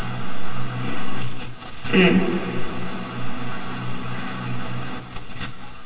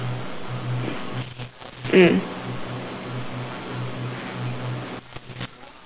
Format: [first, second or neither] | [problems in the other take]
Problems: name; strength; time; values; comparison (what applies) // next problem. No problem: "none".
second | room echo; dies away in 2.4 s